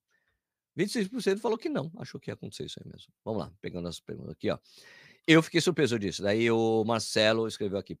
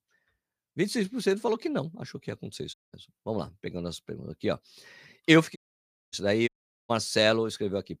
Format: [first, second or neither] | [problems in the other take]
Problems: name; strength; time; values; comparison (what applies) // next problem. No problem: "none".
first | audio cutting out; at 2.5 s, at 5.5 s for 0.5 s and at 6.5 s